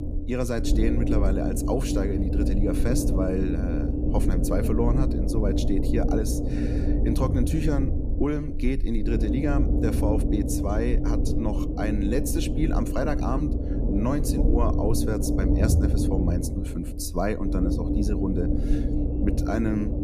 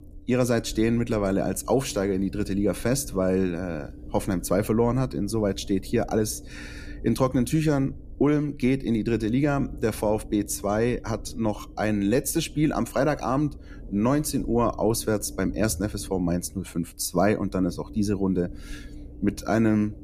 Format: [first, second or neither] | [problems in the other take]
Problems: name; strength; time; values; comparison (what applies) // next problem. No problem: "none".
second | low rumble; loud; throughout; 2 dB below the speech; faint in the second